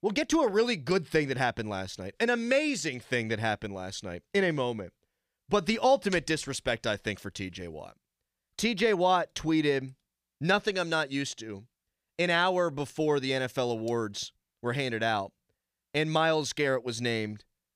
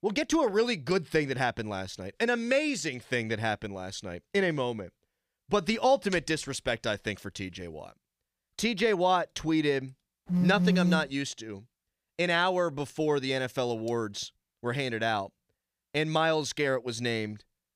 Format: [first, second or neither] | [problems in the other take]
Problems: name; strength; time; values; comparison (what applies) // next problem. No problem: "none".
first | phone ringing; loud; at 10 s; peak 4 dB above the speech